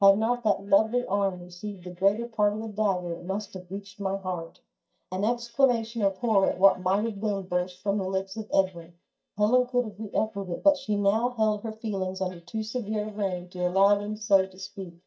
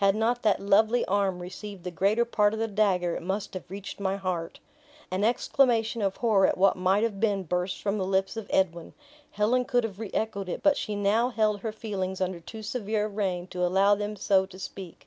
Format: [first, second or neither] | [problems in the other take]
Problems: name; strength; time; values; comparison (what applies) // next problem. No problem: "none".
second | noise reduction (neural mask model DeepFilterNet 3)